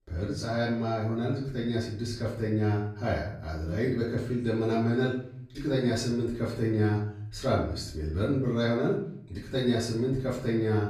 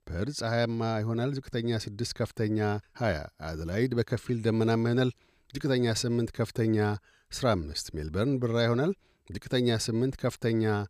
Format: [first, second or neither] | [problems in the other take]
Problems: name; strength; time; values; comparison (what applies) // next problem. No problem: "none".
second | off-mic speech; far // room echo; noticeable; dies away in 0.6 s